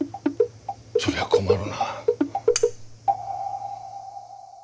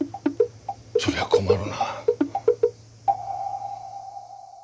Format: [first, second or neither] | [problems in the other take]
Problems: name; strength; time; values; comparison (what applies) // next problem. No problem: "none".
second | background sound (Cutlery, silverware); 6 dB below the speech